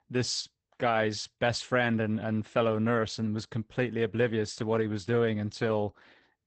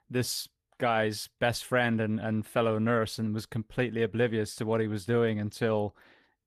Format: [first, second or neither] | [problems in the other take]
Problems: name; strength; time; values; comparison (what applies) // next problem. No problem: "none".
second | garbled, watery; badly; nothing above 8 kHz; slightly in the second